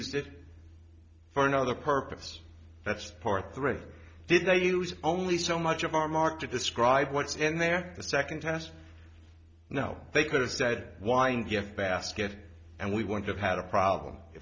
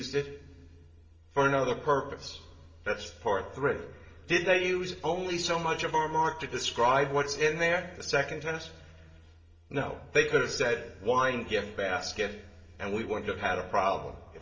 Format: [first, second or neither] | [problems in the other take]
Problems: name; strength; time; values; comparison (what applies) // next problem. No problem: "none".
first | room echo; dies away in 2.4 s